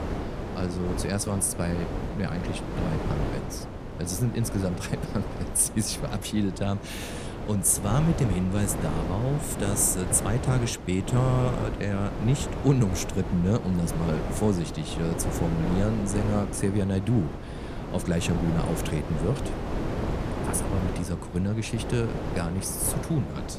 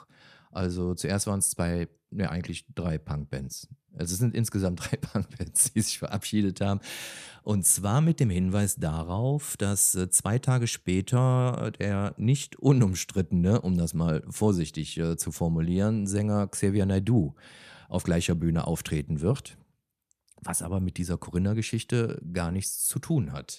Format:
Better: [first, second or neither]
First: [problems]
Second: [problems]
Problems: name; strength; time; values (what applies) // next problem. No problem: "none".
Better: second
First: wind noise on the microphone; heavy; 4 dB below the speech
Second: none